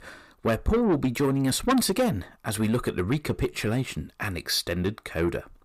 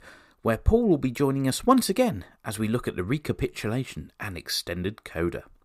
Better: second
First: distortion; heavy; 8 dB below the speech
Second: none

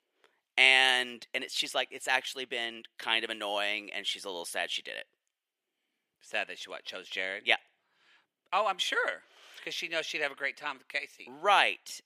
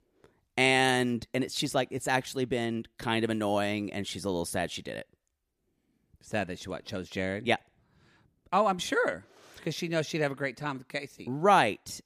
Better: second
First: thin; very; fading below 550 Hz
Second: none

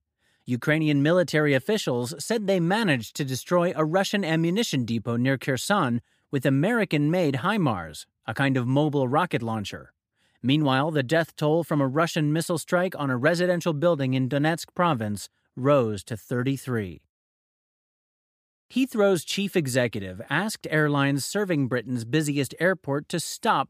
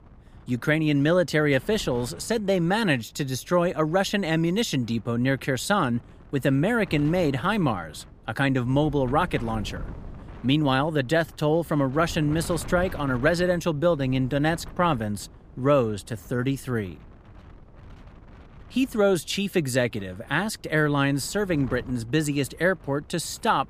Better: first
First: none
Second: wind noise on the microphone; occasional gusts; 25 dB below the speech

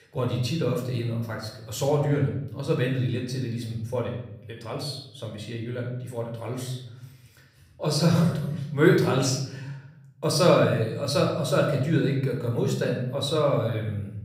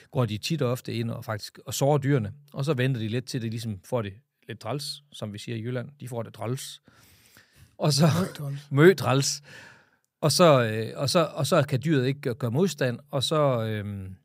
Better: second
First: off-mic speech; somewhat distant // room echo; noticeable; dies away in 0.9 s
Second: none

